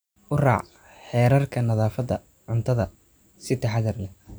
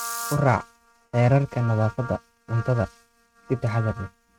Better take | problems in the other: first | noise reduction (neural mask model RNNoise)

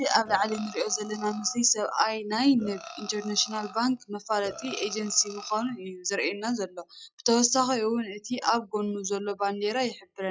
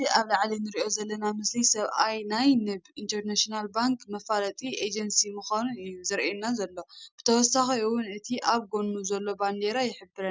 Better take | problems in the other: second | noise reduction (classical method log-MMSE)

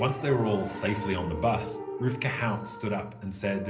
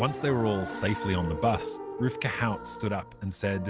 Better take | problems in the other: second | room echo; dies away in 0.5 s

